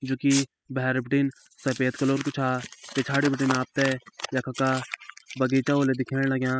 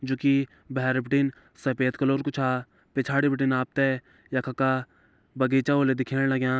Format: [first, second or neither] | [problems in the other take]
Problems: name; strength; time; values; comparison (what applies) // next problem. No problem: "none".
second | noise reduction (classical method spectral subtraction)